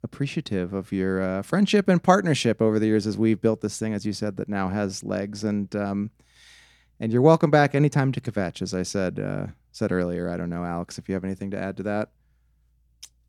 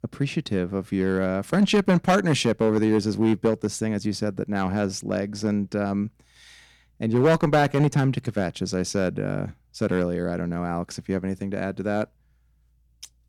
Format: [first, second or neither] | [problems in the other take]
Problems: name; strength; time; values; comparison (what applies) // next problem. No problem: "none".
first | distortion; slight; 2% of the sound clipped